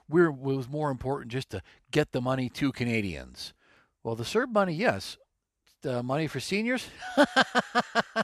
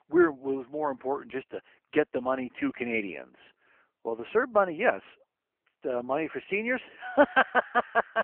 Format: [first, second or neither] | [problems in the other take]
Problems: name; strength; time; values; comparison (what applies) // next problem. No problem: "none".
first | phone-call audio; poor line; nothing above 3 kHz